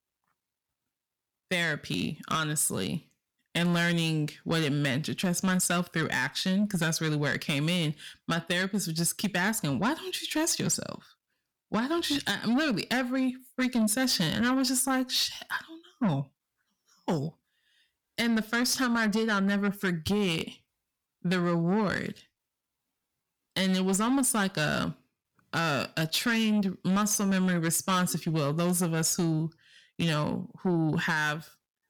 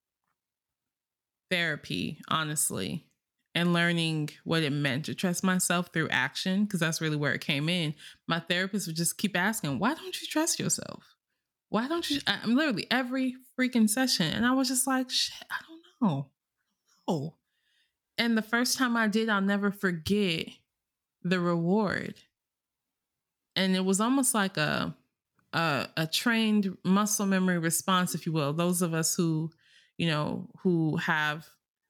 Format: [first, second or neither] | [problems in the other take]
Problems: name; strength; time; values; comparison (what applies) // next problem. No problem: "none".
second | distortion; slight; 10 dB below the speech